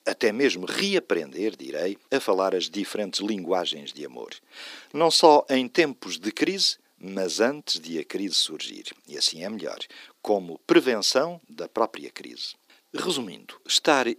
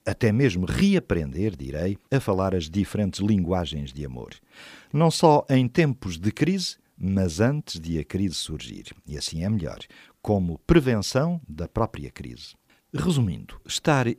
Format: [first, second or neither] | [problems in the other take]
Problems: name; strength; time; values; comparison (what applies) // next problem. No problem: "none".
second | thin; somewhat; fading below 300 Hz